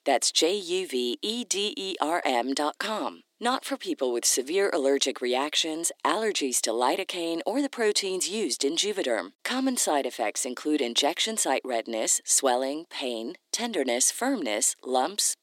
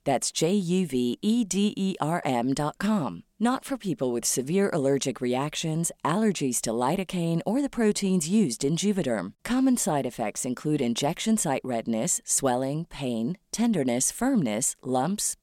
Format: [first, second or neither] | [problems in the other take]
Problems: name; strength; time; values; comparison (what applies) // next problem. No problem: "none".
second | thin; somewhat; fading below 300 Hz